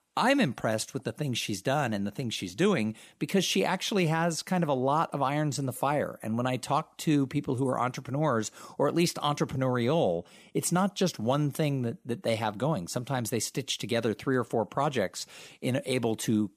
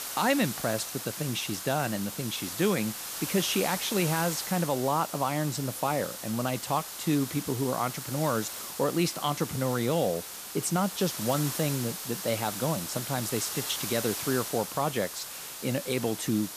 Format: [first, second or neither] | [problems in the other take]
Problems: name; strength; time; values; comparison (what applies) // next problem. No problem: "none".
first | hiss; loud; throughout; 5 dB below the speech